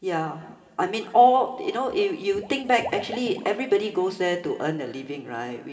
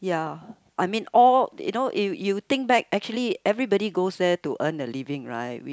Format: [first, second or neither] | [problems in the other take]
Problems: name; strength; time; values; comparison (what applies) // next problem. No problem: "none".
second | background sound (Liquid); 16 dB below the speech // room echo; dies away in 2.8 s